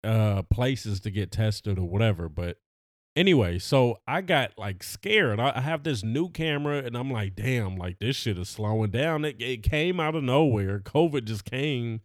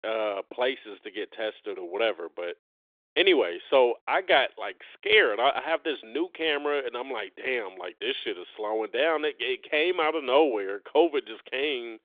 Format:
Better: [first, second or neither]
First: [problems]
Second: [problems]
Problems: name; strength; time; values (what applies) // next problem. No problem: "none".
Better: first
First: none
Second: phone-call audio; nothing above 3.5 kHz